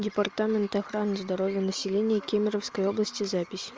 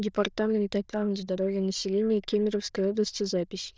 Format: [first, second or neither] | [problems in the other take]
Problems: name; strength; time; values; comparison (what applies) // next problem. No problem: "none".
first | noise reduction (neural diffusion model UNIVERSE++)